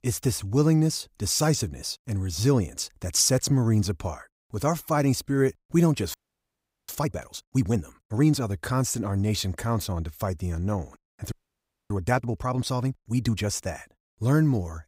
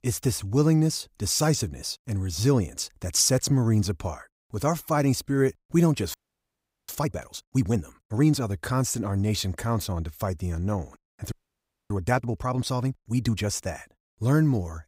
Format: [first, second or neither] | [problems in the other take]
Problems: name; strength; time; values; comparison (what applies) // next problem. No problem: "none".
neither | audio freezing; at 6 s for 0.5 s and at 11 s for 0.5 s; the same in both